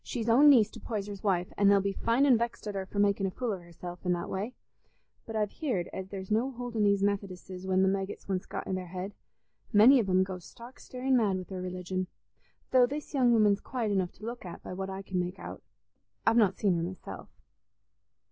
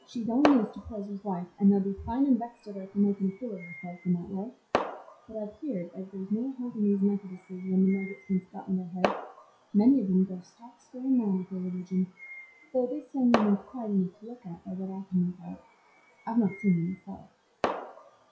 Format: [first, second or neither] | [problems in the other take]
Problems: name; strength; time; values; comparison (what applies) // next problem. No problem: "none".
first | noise reduction (classical method WPE with log-MMSE)